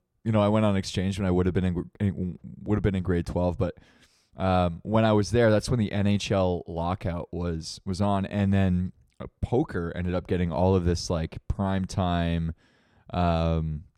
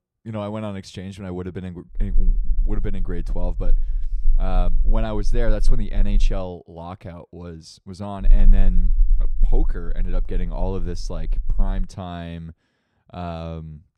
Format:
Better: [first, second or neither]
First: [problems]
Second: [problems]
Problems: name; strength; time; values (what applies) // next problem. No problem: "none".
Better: first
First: none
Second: low rumble; faint; from 2 to 6.5 s and from 8 to 12 s; 20 dB below the speech